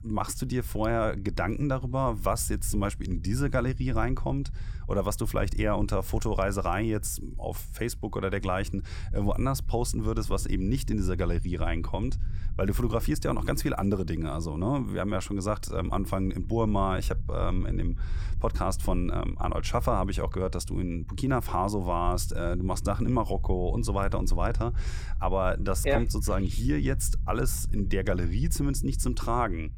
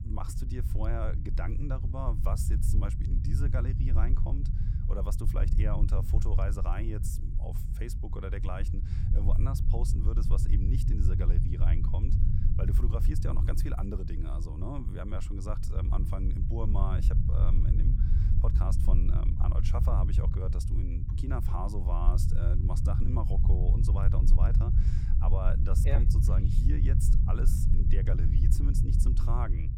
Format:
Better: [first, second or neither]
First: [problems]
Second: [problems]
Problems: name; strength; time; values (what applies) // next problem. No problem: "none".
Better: first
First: low rumble; faint; throughout; 25 dB below the speech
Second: low rumble; loud; throughout; 3 dB below the speech